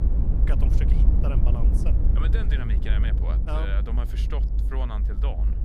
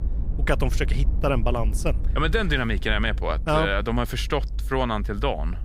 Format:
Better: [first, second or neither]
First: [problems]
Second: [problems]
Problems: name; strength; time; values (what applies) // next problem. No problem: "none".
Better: second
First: low rumble; loud; throughout; 3 dB below the speech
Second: low rumble; faint; throughout; 20 dB below the speech